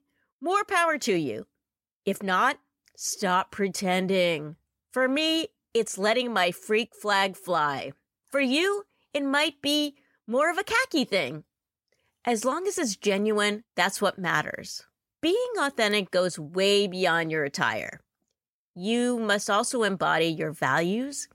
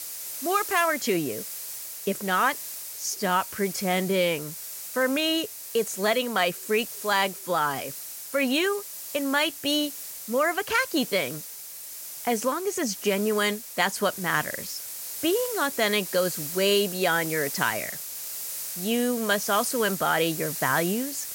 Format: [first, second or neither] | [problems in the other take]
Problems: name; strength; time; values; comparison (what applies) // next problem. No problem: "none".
first | hiss; loud; throughout; 8 dB below the speech